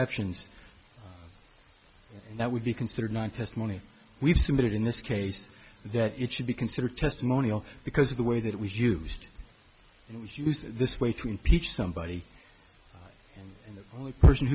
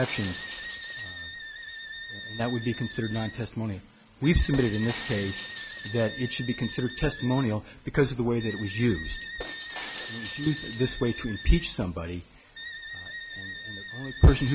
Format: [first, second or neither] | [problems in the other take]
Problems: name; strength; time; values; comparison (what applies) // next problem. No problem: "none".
first | background sound (Shatter + Wind instrument, woodwind instrument); 11 dB below the speech